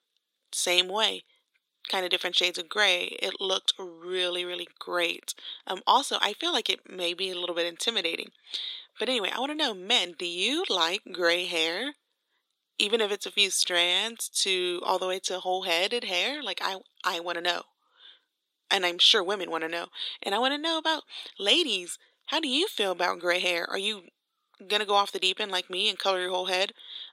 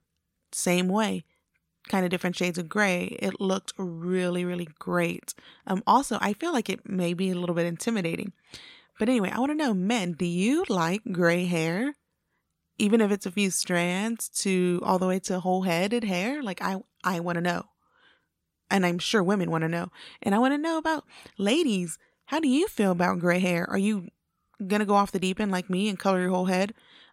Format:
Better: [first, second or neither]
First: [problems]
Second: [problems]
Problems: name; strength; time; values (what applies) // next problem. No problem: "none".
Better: second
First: thin; very; fading below 350 Hz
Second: none